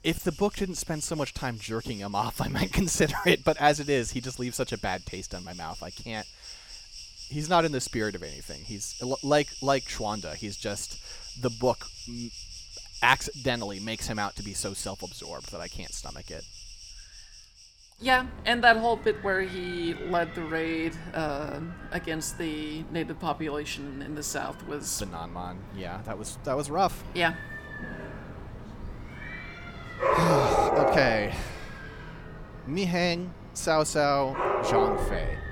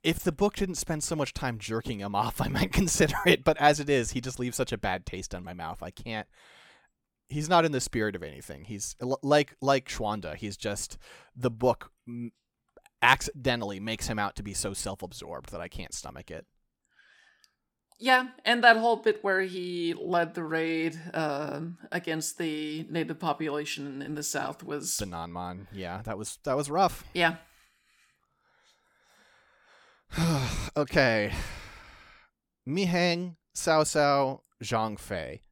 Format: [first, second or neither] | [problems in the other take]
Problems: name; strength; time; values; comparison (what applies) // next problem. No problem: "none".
second | animal sounds; loud; throughout; 7 dB below the speech